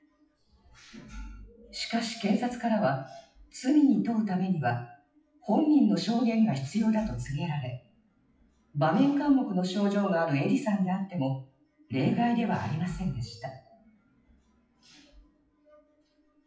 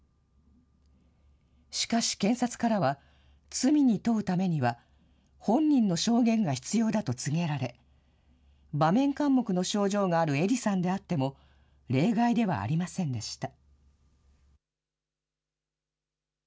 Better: second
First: noise reduction (classical method WPE with log-MMSE)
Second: none

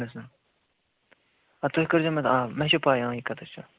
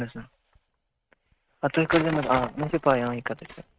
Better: first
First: none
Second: noise reduction (neural mask model RNNoise)

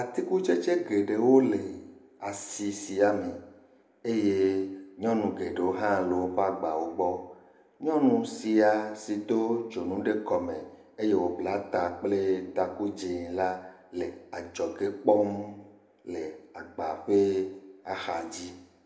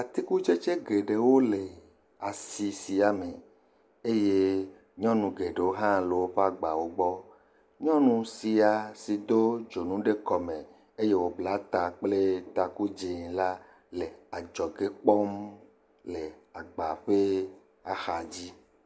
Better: second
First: room echo; dies away in 0.7 s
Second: none

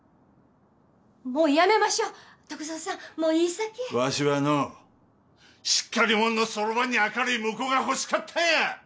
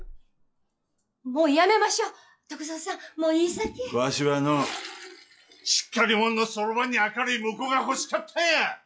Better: first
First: none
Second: noise reduction (classical method log-MMSE)

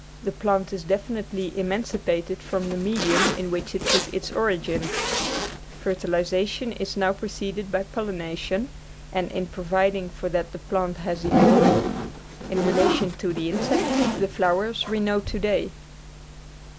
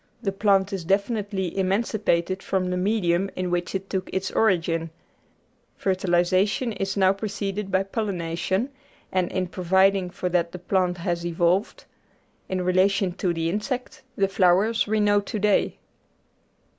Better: second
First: background sound (Zipper (clothing)); 2 dB below the speech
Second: none

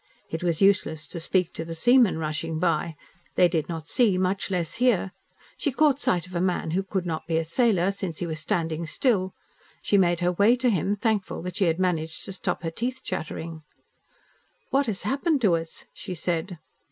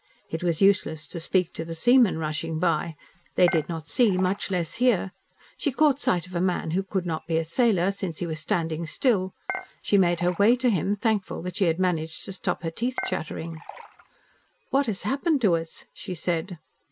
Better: first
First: none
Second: background sound (Dishes, pots, and pans / Chink, clink); 13 dB below the speech

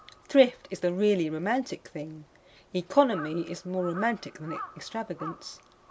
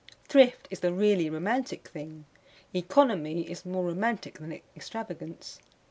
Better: second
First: background sound (Crow); 17 dB below the speech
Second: none

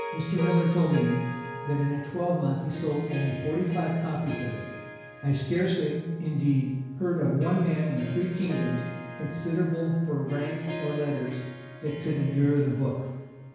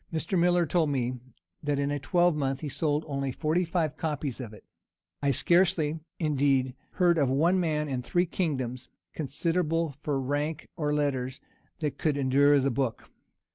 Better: second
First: background sound (Harp); 12 dB below the speech // room echo; dies away in 1 s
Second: none

